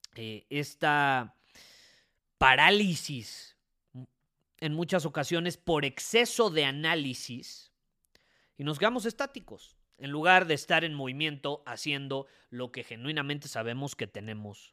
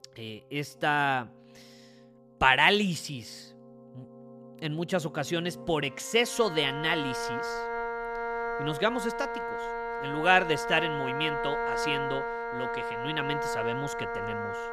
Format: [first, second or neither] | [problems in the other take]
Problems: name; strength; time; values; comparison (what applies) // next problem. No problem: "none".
first | background music; loud; throughout; 5 dB below the speech